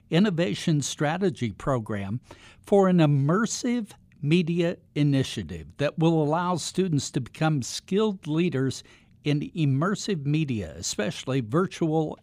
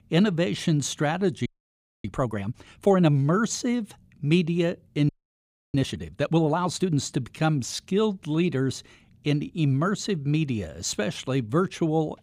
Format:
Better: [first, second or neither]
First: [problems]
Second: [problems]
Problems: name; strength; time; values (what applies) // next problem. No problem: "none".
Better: first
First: none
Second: audio freezing; at 1.5 s for 0.5 s and at 5 s for 0.5 s